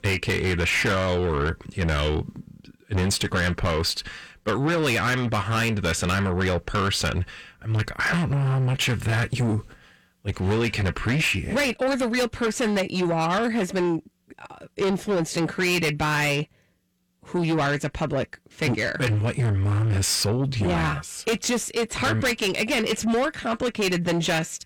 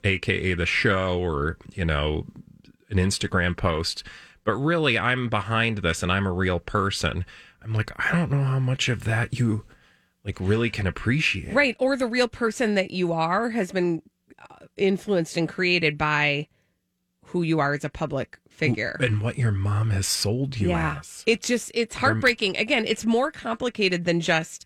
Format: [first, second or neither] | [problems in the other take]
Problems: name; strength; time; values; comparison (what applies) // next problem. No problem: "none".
second | distortion; heavy; 8 dB below the speech